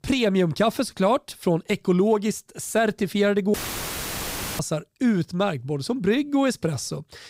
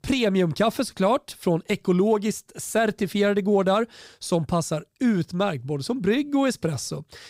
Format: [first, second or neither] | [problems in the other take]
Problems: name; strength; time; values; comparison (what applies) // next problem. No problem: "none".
second | audio cutting out; filled with static; at 3.5 s for 1 s